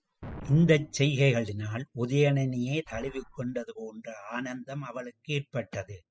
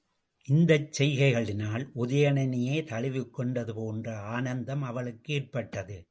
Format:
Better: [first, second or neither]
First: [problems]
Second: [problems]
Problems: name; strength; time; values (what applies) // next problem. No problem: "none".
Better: second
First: noise reduction (classical method spectral subtraction)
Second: none